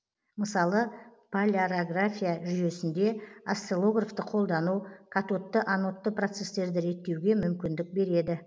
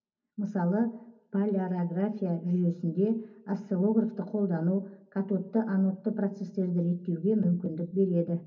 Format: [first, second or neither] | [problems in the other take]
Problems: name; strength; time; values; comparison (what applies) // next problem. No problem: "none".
first | room echo; dies away in 0.4 s